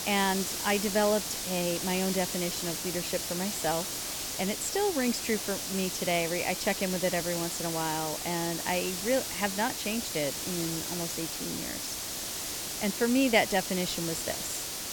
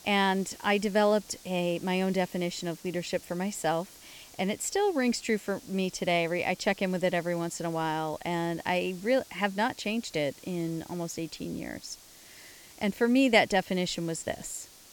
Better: second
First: hiss; loud; throughout; 2 dB below the speech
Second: hiss; faint; throughout; 20 dB below the speech

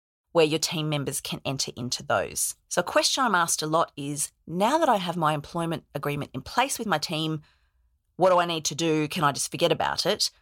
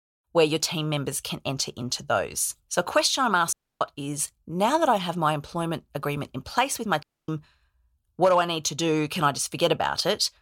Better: first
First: none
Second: audio cutting out; at 3.5 s and at 7 s

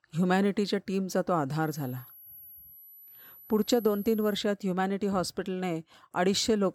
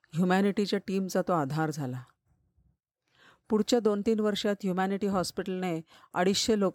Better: second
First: high-pitched whine; noticeable; from 1.5 to 4.5 s; 11.5 kHz, 20 dB below the speech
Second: none

